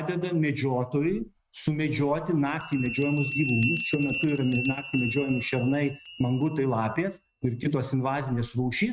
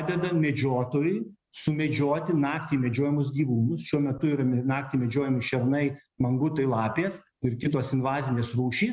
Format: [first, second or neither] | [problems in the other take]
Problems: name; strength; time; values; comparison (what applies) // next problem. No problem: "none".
second | noise reduction (neural mask model RNNoise)